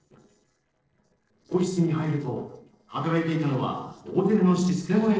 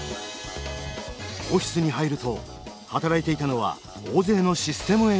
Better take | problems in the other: second | noise reduction (neural separator model SepFormer DNS4)

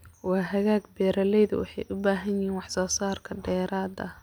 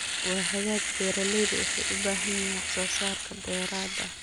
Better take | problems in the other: first | background sound (Domestic sounds, home sounds); 3 dB above the speech

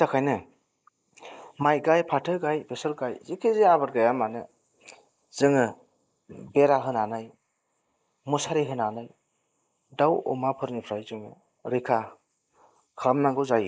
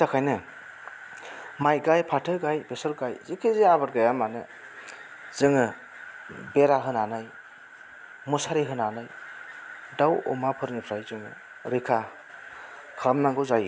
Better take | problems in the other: second | noise reduction (neural mask model Resemble Enhance denoiser)

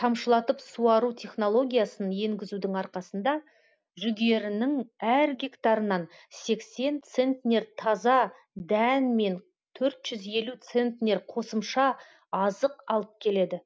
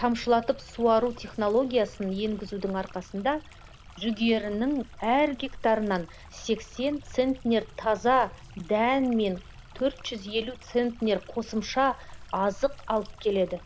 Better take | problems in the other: first | background sound (Stream); 18 dB below the speech

